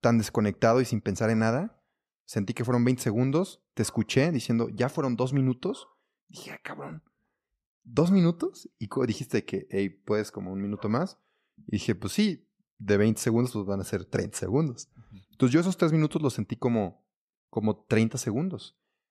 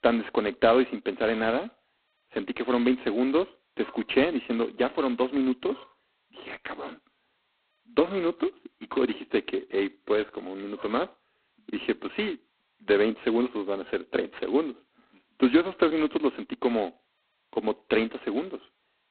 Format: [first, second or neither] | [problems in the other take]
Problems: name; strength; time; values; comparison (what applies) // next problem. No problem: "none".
first | phone-call audio; poor line; nothing above 4 kHz